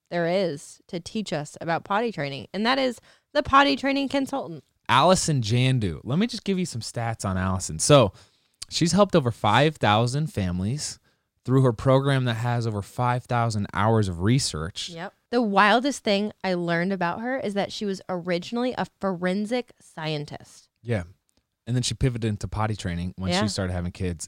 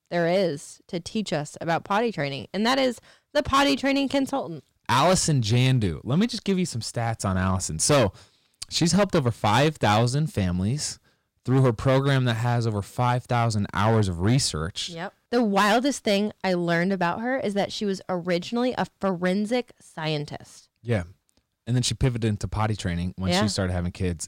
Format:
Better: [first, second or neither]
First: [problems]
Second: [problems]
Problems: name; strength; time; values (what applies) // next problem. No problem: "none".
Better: first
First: none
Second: distortion; slight; 4% of the sound clipped